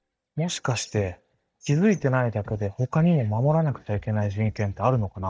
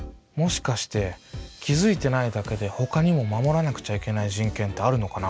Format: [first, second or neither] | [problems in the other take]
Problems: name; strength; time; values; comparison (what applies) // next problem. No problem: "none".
second | noise reduction (neural mask model DeepFilterNet 3)